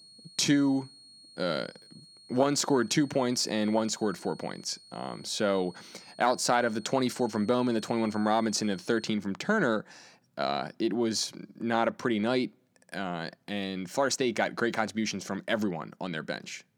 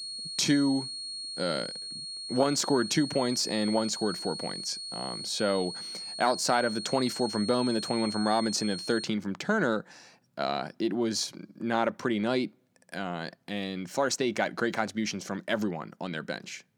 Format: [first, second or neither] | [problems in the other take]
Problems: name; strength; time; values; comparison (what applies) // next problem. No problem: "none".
first | high-pitched whine; loud; until 9 s; 4.5 kHz, 6 dB below the speech; faint in the first